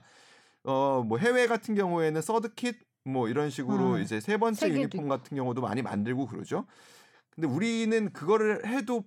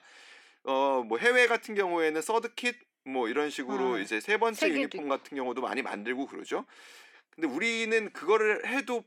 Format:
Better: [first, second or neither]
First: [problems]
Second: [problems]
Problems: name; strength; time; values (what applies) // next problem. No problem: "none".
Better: first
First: none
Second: thin; somewhat; fading below 300 Hz